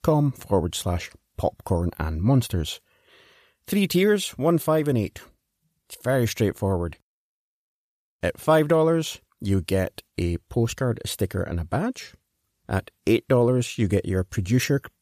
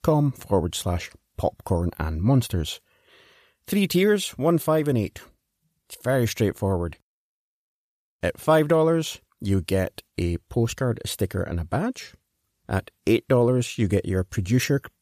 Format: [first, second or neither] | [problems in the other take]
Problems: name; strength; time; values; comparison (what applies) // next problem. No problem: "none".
neither | none